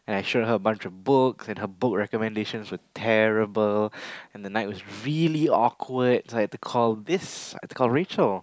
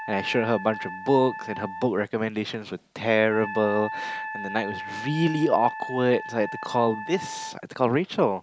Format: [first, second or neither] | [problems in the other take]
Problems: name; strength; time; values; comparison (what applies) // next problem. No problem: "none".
first | background sound (Wind instrument, woodwind instrument); 11 dB below the speech